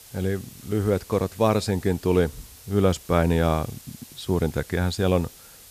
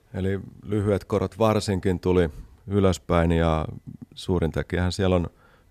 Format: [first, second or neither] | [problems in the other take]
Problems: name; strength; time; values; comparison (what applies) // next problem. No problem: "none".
second | hiss; faint; throughout; 20 dB below the speech